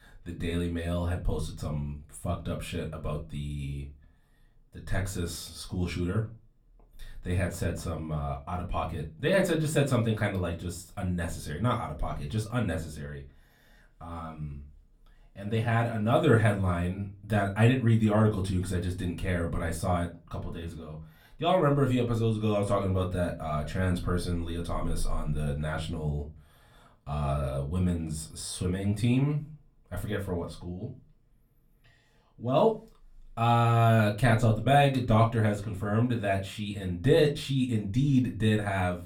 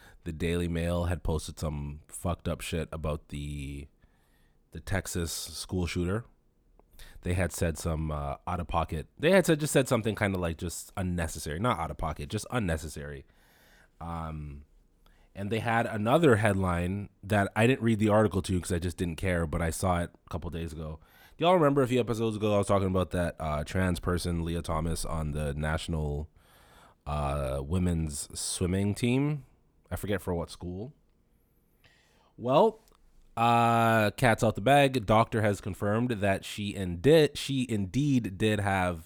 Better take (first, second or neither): second